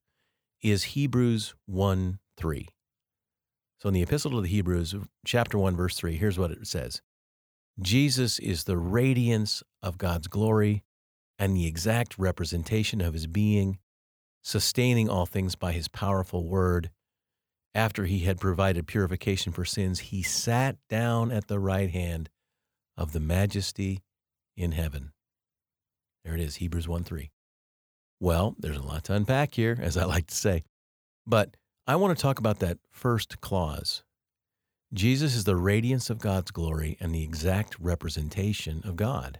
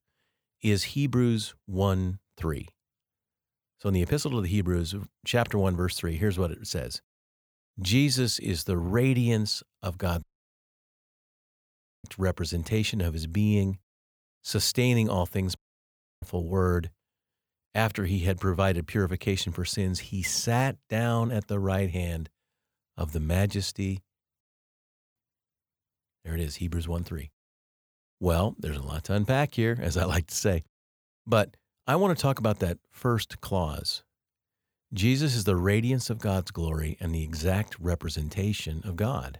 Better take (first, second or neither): first